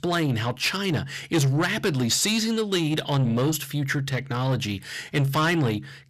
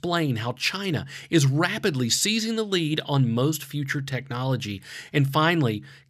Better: second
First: distortion; slight; 10 dB below the speech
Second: none

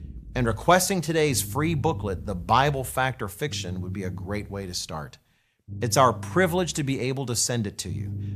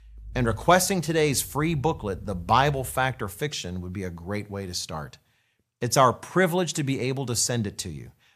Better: second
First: low rumble; faint; throughout; 25 dB below the speech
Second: none

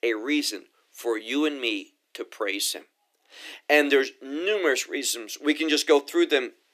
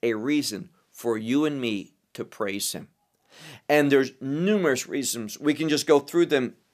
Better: second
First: thin; very slightly; fading below 300 Hz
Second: none

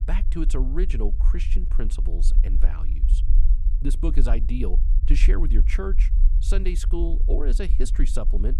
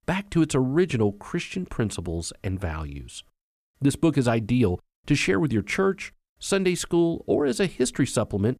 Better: second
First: low rumble; noticeable; throughout; 10 dB below the speech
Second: none

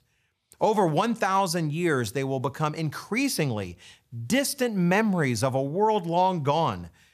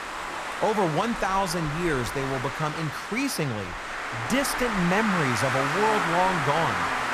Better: first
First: none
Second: traffic noise; loud; throughout; 2 dB below the speech

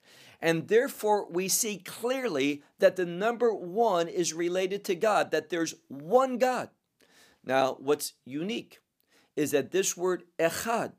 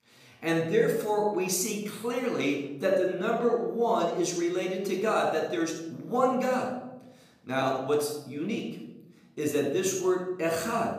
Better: first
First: none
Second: off-mic speech; somewhat distant // room echo; noticeable; dies away in 1.1 s

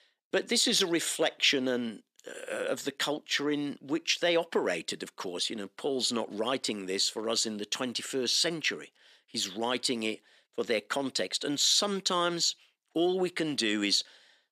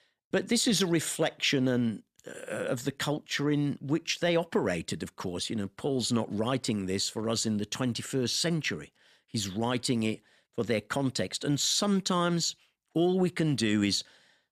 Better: second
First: thin; very slightly; fading below 350 Hz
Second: none

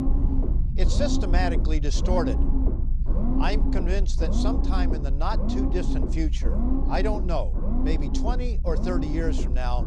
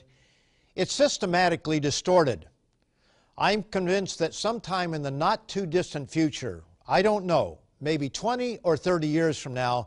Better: second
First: low rumble; loud; throughout; 4 dB below the speech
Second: none

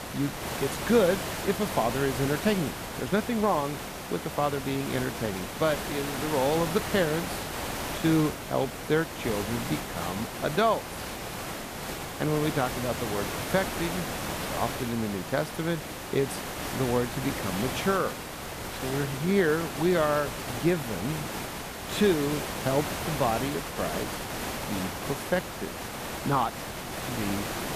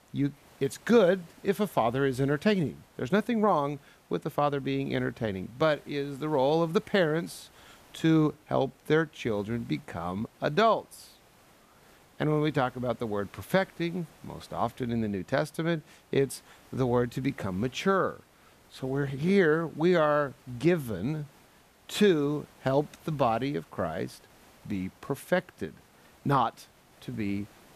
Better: second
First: hiss; loud; throughout; 5 dB below the speech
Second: hiss; faint; throughout; 30 dB below the speech

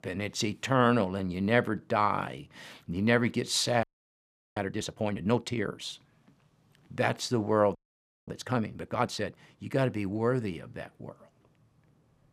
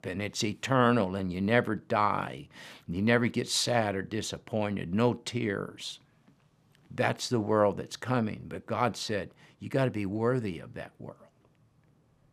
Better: second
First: audio freezing; at 4 s for 0.5 s and at 8 s for 0.5 s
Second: none

